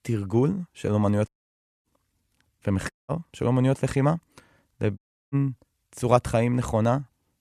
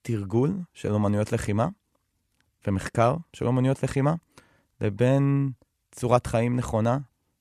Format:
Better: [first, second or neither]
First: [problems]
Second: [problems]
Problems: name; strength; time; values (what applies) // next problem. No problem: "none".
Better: second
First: audio cutting out; at 1.5 s for 0.5 s, at 3 s and at 5 s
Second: none